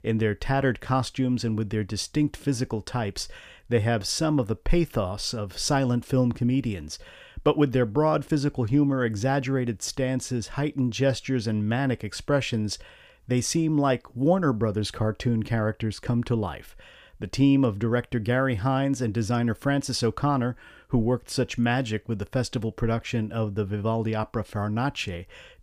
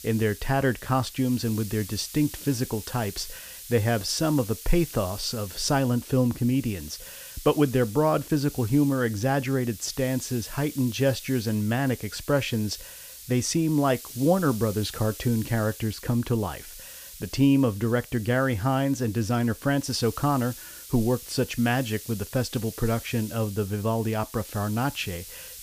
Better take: first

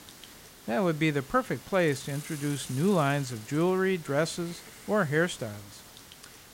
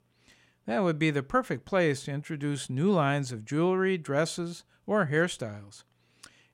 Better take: second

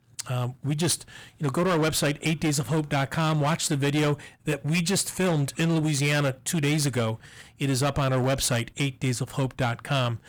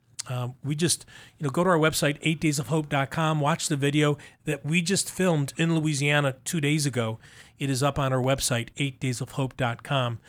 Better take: second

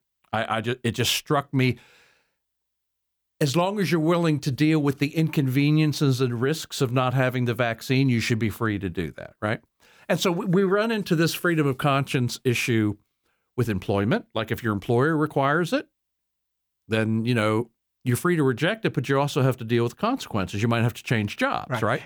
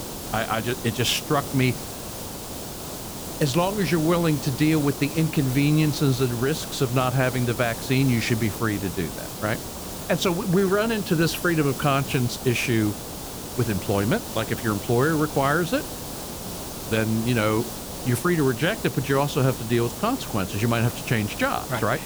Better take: first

